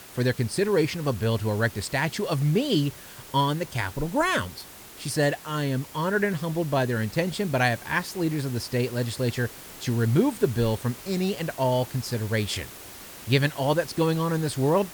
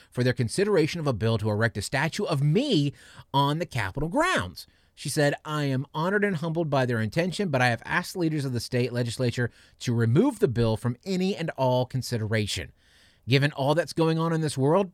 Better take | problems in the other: second | hiss; noticeable; throughout; 15 dB below the speech

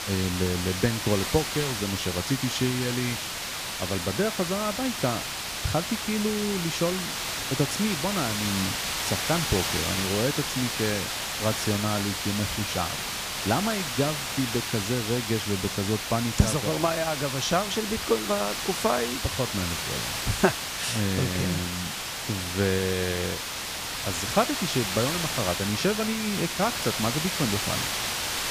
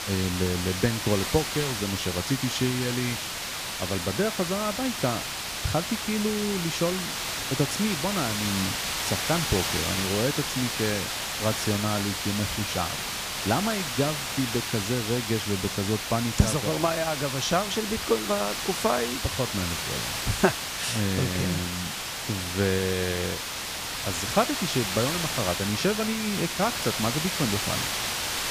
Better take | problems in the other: neither | hiss; loud; throughout; 1 dB below the speech; the same in both

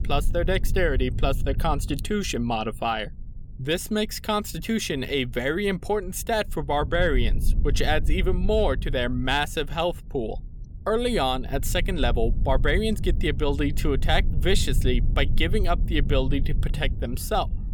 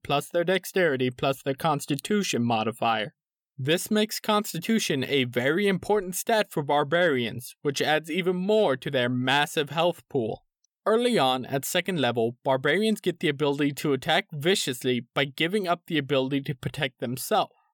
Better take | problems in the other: second | low rumble; noticeable; throughout; 20 dB below the speech

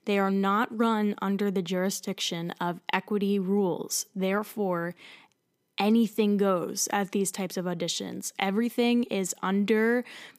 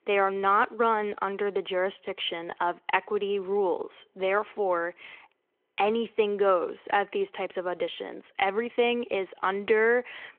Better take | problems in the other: first | phone-call audio

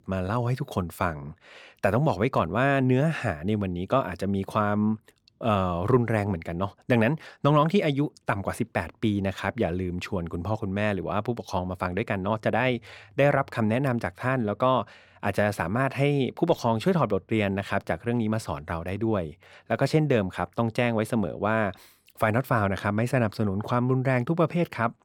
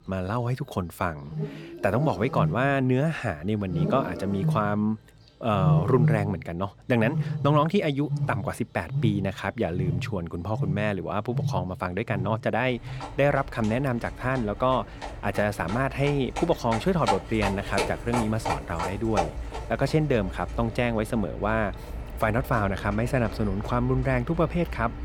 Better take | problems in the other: first | animal sounds; loud; throughout; 6 dB below the speech

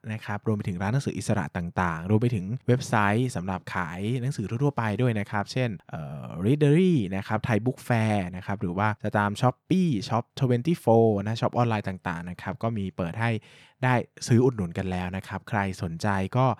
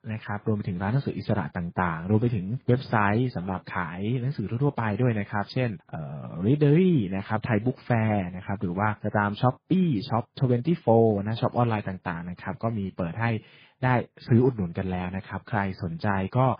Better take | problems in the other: first | garbled, watery; badly

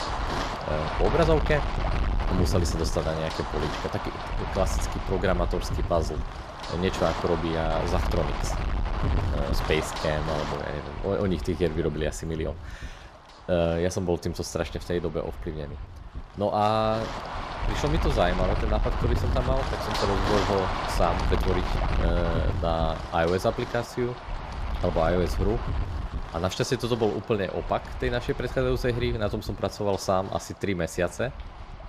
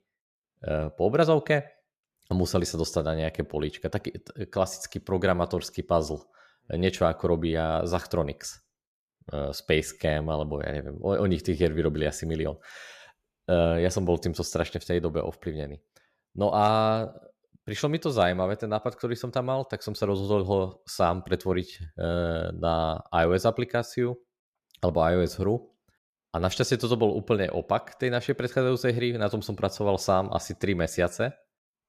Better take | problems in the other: second | wind noise on the microphone; heavy; 4 dB below the speech

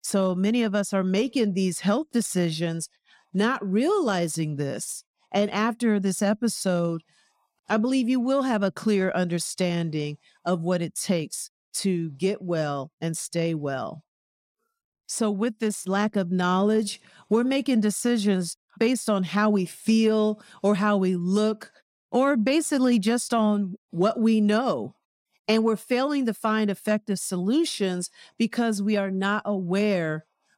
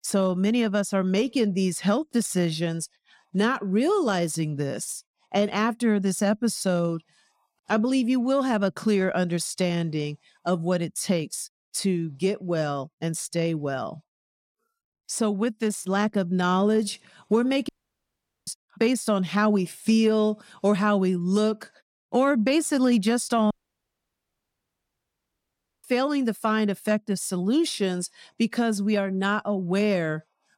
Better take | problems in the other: first | audio cutting out; at 18 s for 1 s and at 24 s for 2.5 s

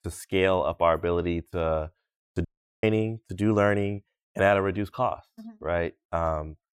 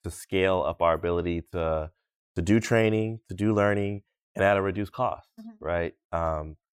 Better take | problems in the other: second | audio cutting out; at 2.5 s

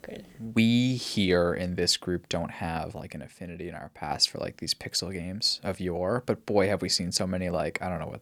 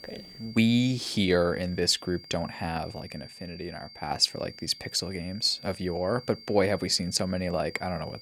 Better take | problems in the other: first | high-pitched whine; noticeable; throughout; 4.5 kHz, 20 dB below the speech

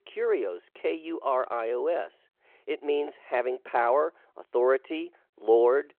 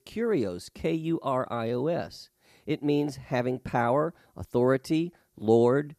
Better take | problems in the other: second | phone-call audio

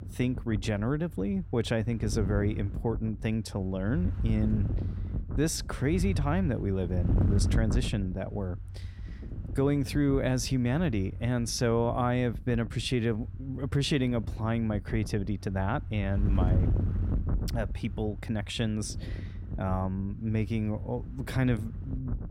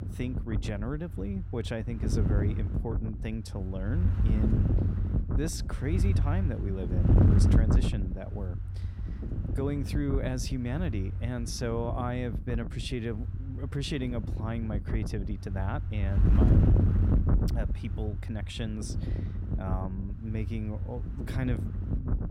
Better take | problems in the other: first | wind noise on the microphone; heavy; 2 dB below the speech; occasional gusts in the first

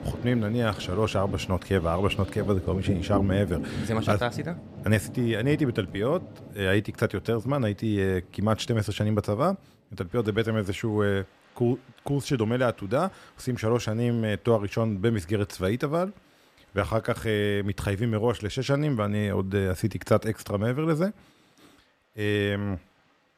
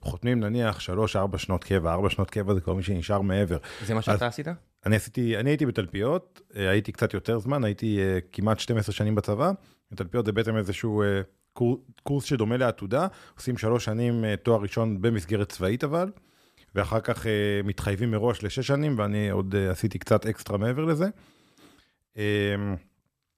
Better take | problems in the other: second | rain or running water; noticeable; throughout; 10 dB below the speech

